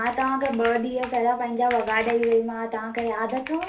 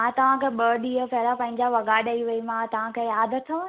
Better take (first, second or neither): second